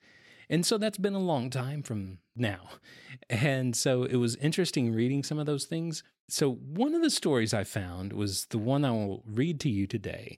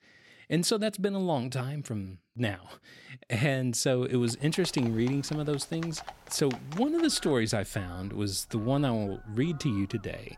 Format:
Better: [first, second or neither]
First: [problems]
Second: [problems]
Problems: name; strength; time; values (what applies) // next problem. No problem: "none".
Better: first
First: none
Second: animal sounds; noticeable; from 4.5 s on; 20 dB below the speech